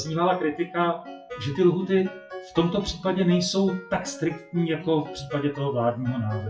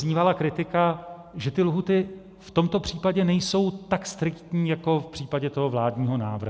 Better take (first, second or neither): second